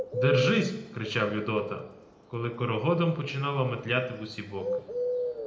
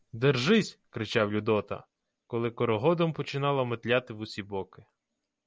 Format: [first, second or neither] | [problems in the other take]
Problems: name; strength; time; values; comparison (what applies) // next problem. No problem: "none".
second | background sound (Bird); 5 dB below the speech // room echo; dies away in 0.8 s